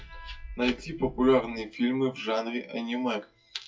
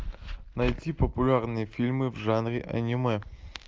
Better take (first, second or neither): second